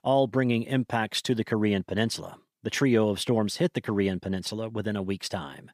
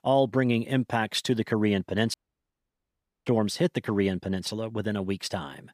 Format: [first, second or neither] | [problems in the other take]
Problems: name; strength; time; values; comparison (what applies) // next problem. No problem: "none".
first | audio cutting out; at 2 s for 1 s